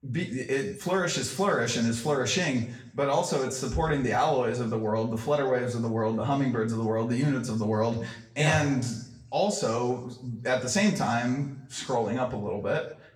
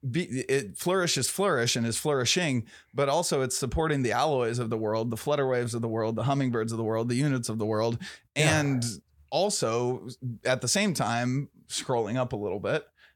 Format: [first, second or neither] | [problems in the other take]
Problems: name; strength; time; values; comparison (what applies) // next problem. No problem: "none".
second | room echo; slight; dies away in 0.7 s // off-mic speech; far